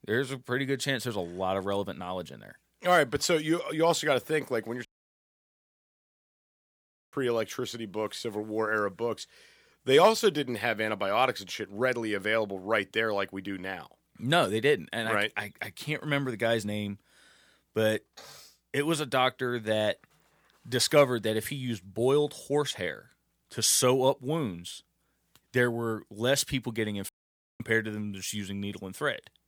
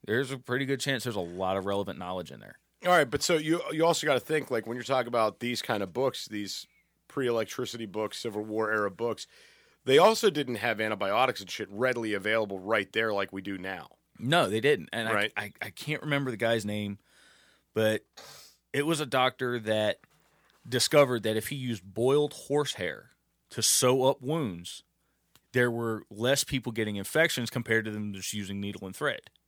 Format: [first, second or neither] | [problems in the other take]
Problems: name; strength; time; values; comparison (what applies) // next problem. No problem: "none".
second | audio cutting out; at 5 s for 2.5 s and at 27 s for 0.5 s